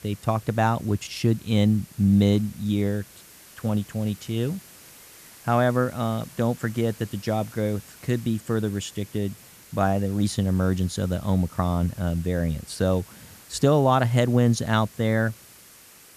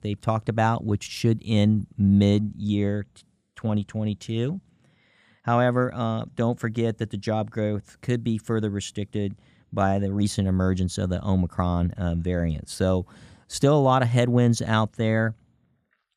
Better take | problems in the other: second | hiss; faint; throughout; 20 dB below the speech

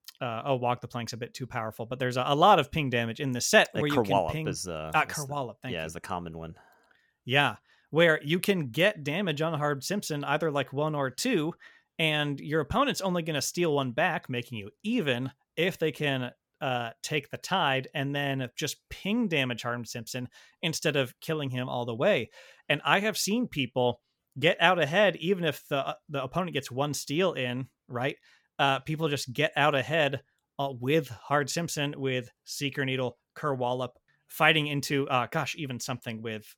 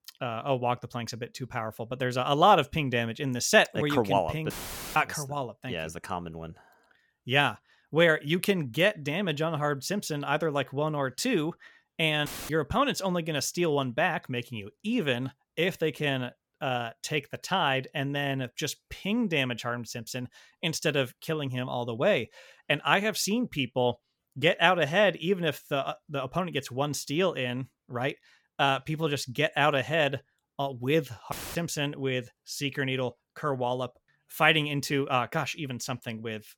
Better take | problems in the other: first | audio cutting out; filled with static; at 4.5 s, at 12 s and at 31 s

